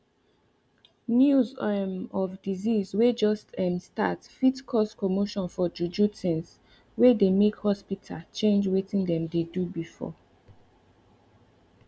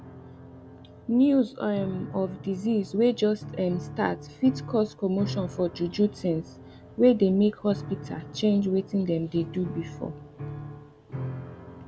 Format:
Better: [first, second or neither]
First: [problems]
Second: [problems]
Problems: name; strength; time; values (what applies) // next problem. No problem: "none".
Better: first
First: none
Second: background sound (Piano); 13 dB below the speech